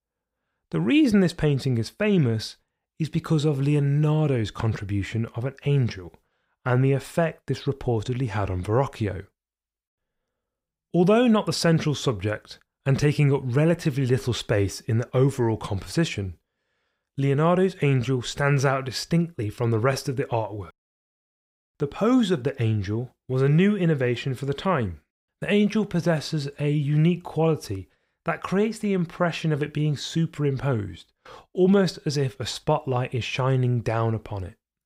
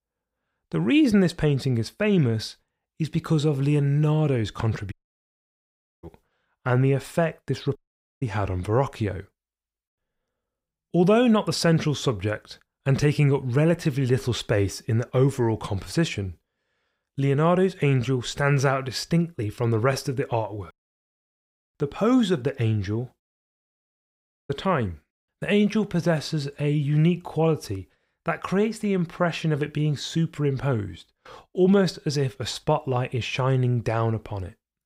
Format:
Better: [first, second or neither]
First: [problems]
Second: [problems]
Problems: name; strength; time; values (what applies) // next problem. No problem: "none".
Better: first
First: none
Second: audio cutting out; at 5 s for 1 s, at 8 s and at 23 s for 1.5 s